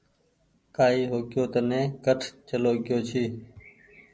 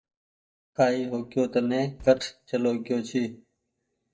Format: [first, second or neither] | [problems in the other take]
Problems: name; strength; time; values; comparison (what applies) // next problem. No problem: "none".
first | noise reduction (neural mask model DeepFilterNet 3)